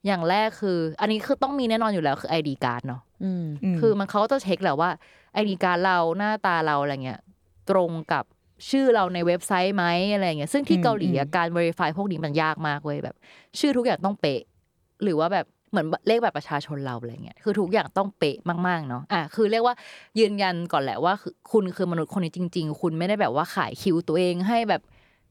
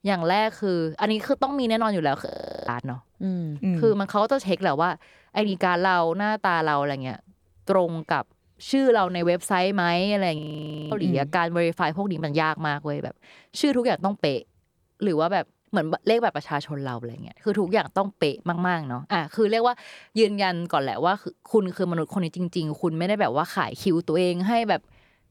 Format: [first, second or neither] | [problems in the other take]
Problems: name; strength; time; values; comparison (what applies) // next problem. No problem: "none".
first | audio freezing; at 2.5 s and at 10 s for 0.5 s